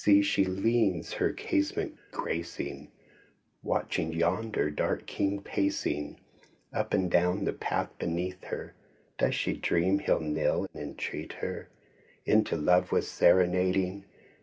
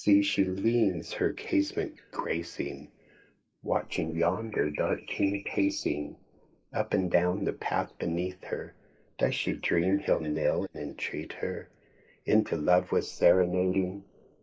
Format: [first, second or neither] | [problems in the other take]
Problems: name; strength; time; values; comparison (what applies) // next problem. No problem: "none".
first | noise reduction (neural mask model Resemble Enhance denoiser)